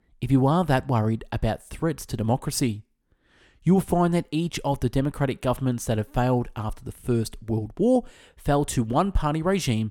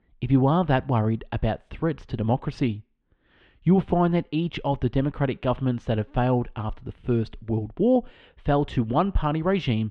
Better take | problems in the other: first | muffled; very; fading above 3 kHz

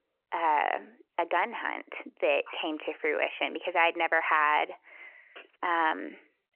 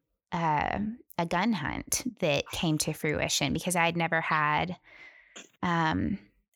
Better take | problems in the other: second | phone-call audio; nothing above 3 kHz

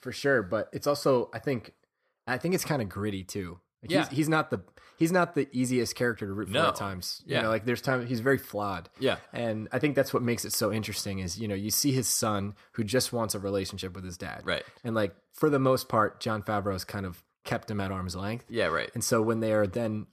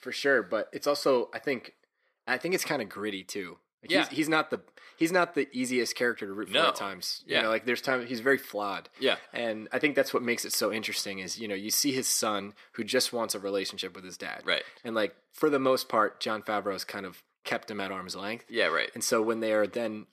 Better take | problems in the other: first | thin; very slightly; fading below 300 Hz

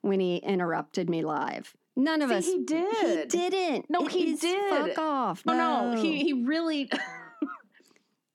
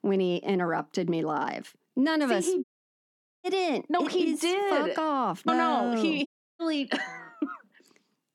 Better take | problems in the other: first | audio cutting out; at 2.5 s for 1 s and at 6.5 s

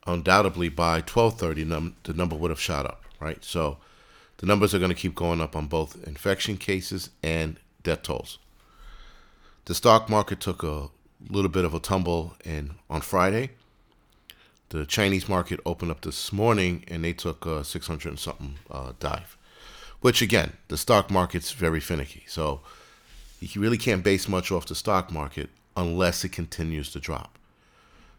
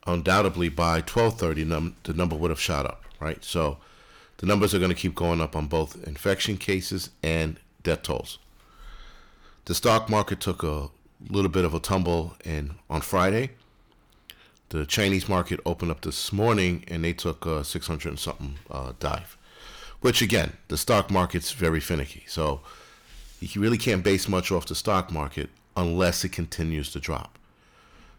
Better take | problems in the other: first | distortion; slight; 10 dB below the speech

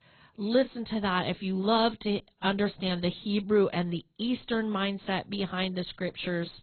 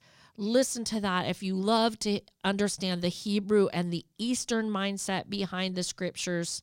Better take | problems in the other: second | garbled, watery; badly; nothing above 4 kHz

